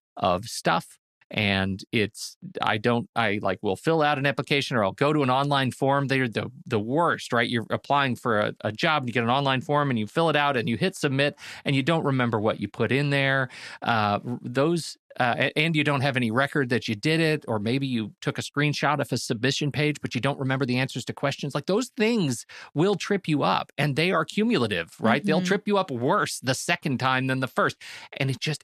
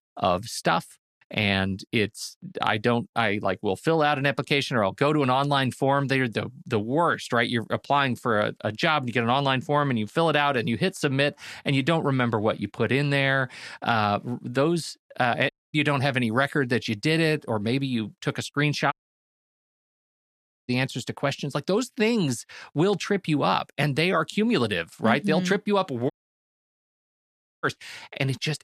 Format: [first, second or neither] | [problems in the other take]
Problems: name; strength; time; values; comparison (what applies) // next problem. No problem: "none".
first | audio cutting out; at 16 s, at 19 s for 2 s and at 26 s for 1.5 s